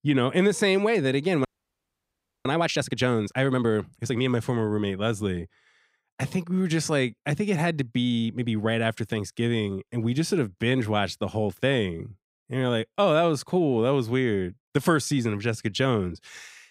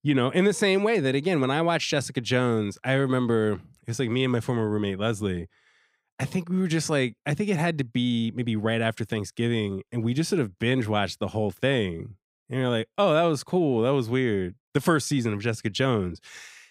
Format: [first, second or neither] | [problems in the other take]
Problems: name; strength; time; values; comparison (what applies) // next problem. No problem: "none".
second | audio freezing; at 1.5 s for 1 s